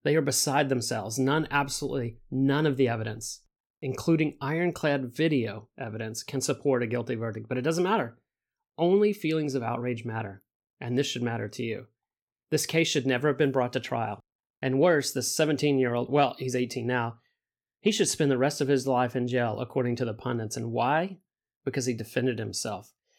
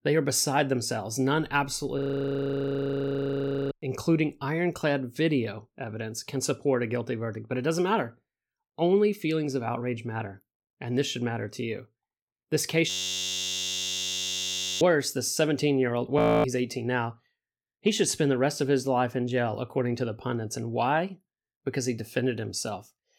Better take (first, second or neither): first